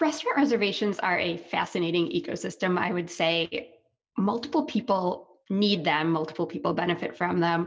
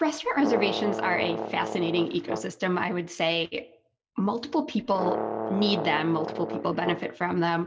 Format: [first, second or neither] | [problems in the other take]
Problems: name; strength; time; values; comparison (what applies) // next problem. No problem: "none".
first | background sound (Brass instrument); 5 dB below the speech